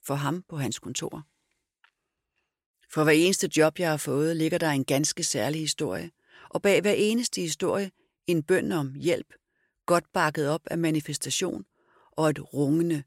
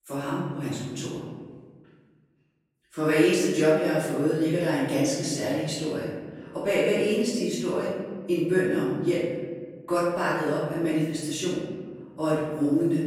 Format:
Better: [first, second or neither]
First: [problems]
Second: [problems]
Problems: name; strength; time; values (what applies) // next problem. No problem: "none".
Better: first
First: none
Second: off-mic speech; far // room echo; strong; dies away in 1.6 s